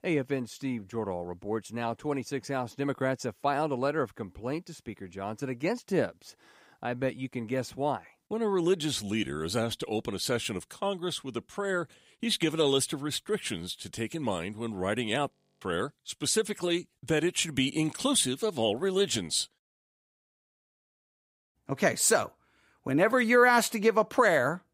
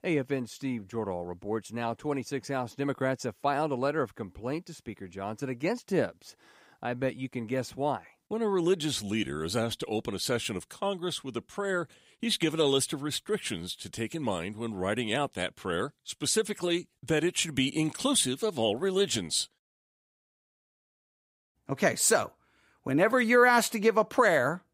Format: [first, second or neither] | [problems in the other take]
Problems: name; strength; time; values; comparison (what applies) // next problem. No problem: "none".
second | audio freezing; at 15 s